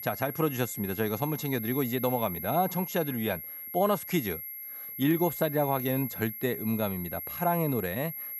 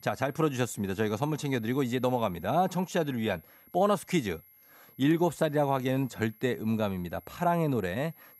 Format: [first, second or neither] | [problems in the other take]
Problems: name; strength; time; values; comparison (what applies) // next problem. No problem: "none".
second | high-pitched whine; loud; throughout; 11.5 kHz, 7 dB below the speech; faint in the second